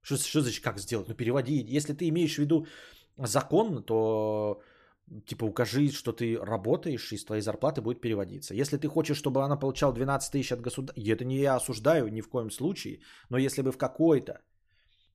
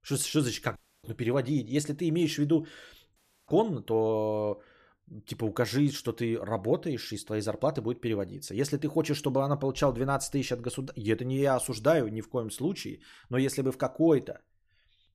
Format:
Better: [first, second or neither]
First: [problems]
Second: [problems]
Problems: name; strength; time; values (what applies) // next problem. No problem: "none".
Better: first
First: none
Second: audio cutting out; at 1 s and at 3 s